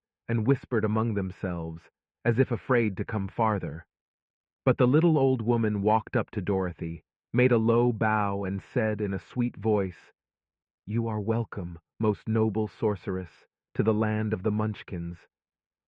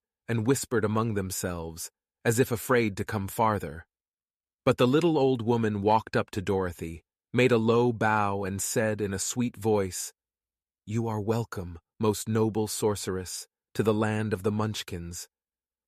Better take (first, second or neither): second